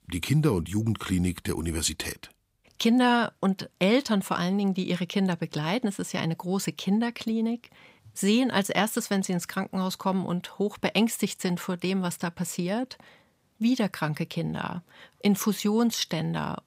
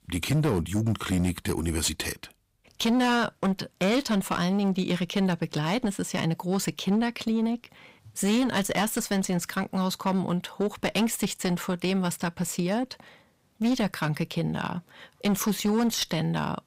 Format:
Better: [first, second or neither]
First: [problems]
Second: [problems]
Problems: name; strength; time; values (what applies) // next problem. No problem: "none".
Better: first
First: none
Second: distortion; slight; 13% of the sound clipped